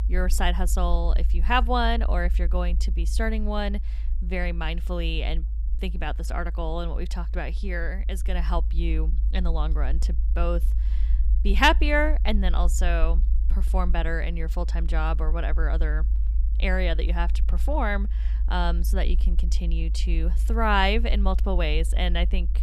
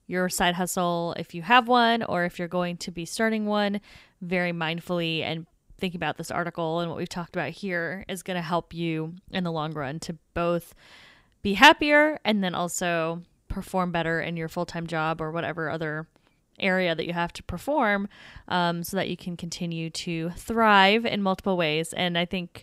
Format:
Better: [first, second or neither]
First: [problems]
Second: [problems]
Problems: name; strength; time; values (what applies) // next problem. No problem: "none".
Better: second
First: low rumble; faint; throughout; 20 dB below the speech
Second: none